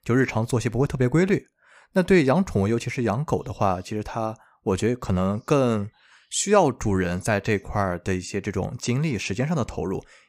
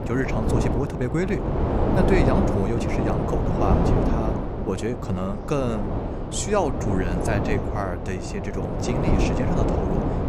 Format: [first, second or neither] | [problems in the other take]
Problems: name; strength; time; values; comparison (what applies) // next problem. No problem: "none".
first | wind noise on the microphone; heavy; 1 dB above the speech